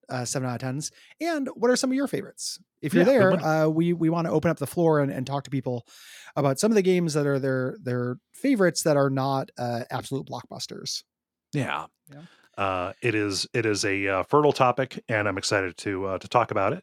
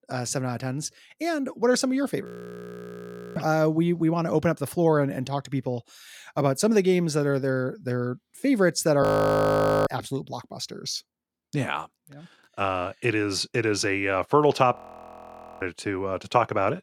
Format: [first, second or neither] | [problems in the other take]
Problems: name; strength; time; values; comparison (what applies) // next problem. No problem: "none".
first | audio freezing; at 2.5 s for 1 s, at 9 s for 1 s and at 15 s for 1 s